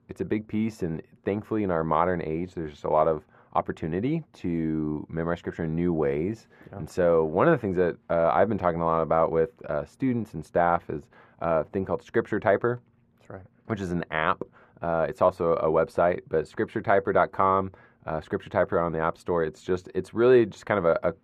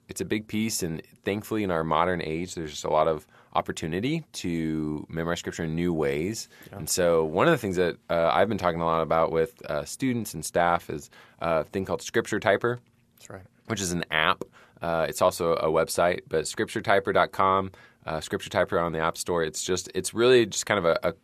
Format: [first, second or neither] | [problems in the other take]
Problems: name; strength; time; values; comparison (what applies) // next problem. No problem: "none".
second | muffled; very; fading above 3 kHz